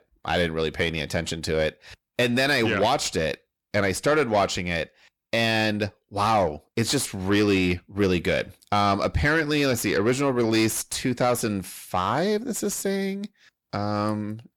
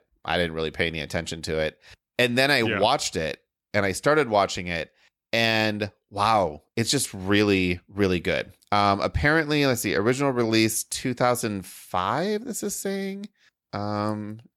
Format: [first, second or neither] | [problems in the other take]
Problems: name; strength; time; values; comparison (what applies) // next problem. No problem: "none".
second | distortion; slight; 10 dB below the speech